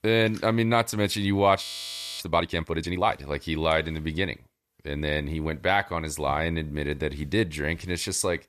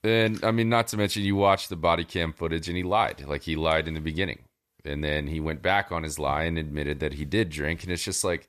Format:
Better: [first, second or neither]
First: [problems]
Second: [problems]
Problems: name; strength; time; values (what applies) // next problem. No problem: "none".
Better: second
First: audio freezing; at 1.5 s for 0.5 s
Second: none